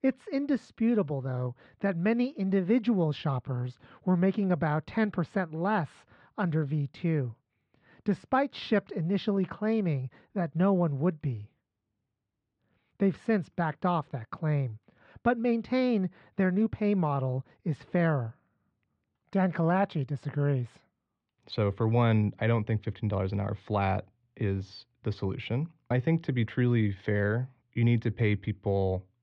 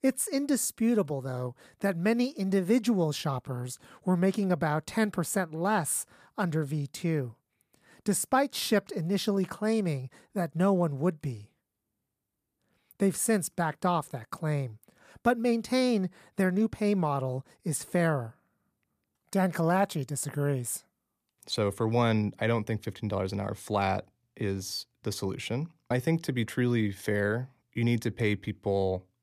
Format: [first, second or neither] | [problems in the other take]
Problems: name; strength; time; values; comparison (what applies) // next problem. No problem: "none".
second | muffled; slightly; fading above 3.5 kHz